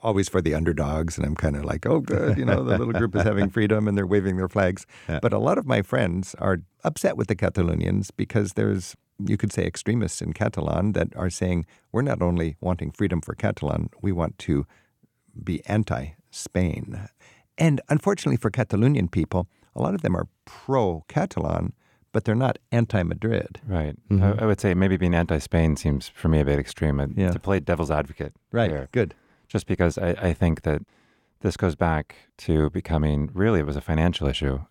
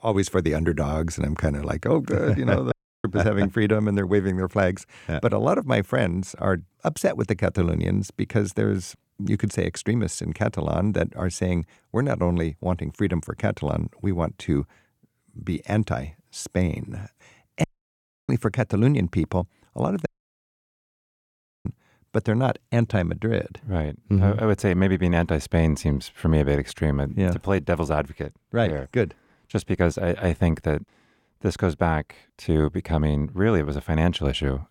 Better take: first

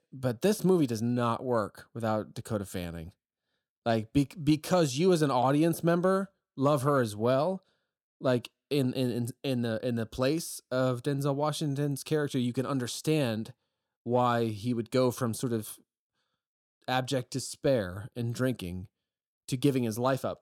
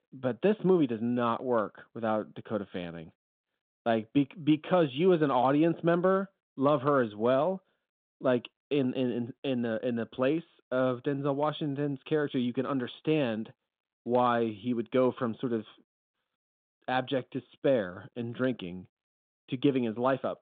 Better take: first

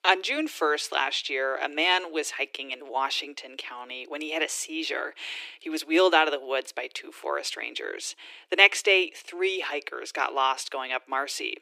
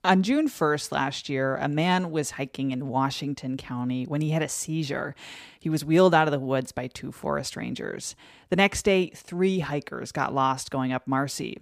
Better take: second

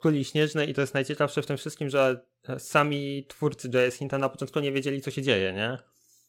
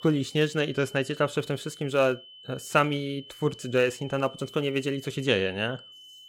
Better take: first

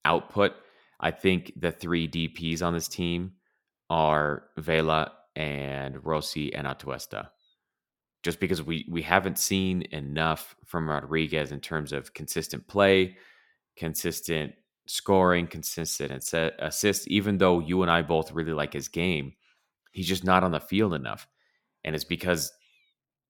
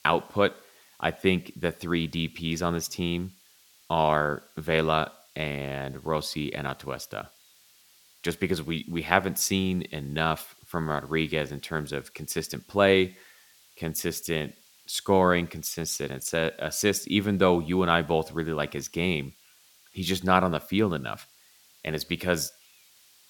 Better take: first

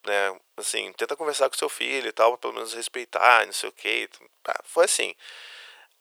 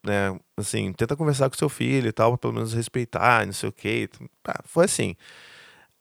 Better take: second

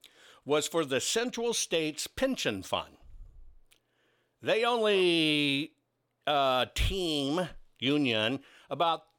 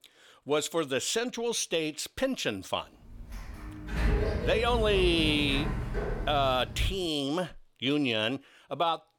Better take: first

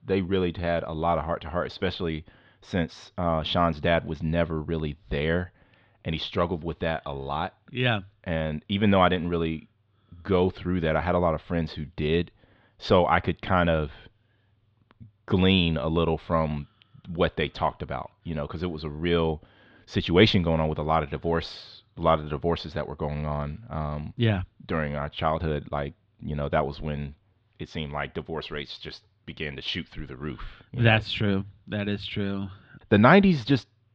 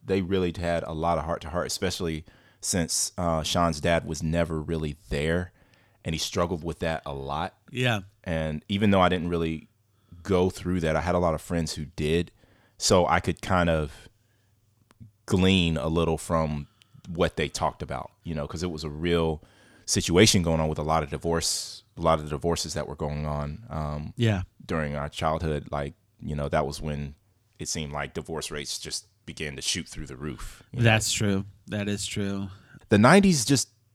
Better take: second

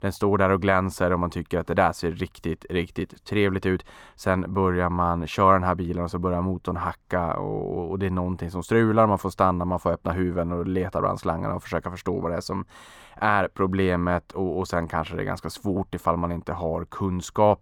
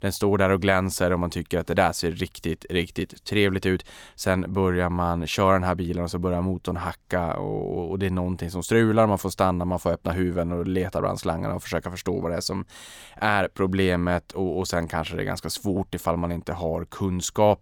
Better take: second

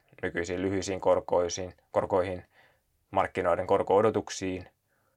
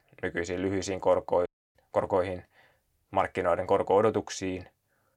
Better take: first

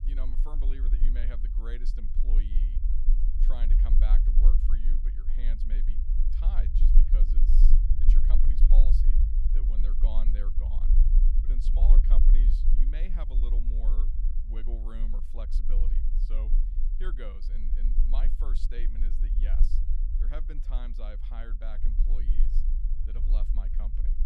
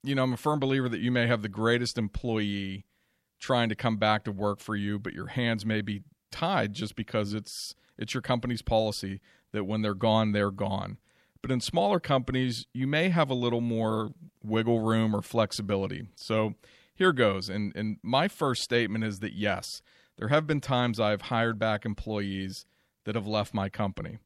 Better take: second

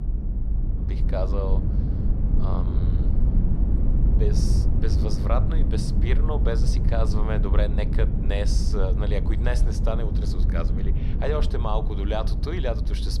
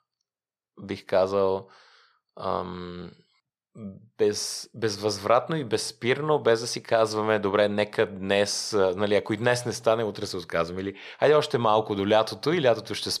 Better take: second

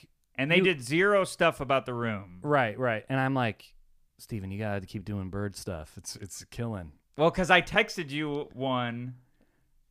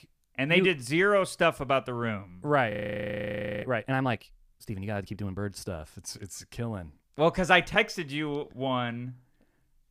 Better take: first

